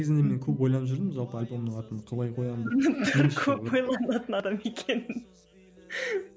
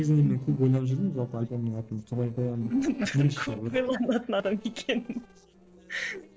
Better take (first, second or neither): first